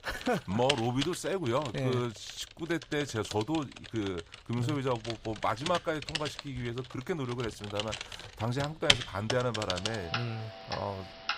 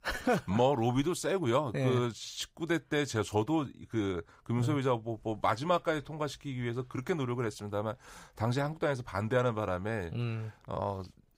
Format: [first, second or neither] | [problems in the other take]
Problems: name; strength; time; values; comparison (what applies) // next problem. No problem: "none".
second | household noises; loud; throughout; 3 dB below the speech